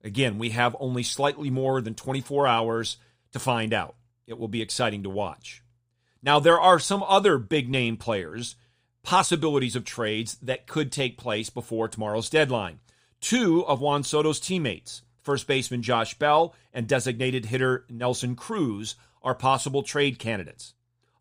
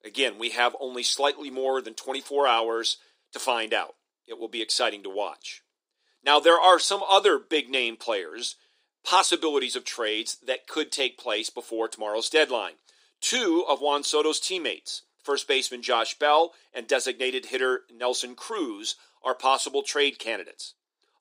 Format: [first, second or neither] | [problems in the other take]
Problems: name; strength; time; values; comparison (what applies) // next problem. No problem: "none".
first | thin; somewhat; fading below 300 Hz